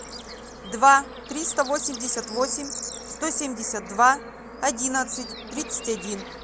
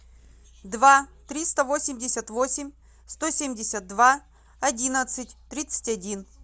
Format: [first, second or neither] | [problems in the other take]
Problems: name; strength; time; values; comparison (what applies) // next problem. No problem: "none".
second | background sound (Bird / Insect / Frog); 12 dB below the speech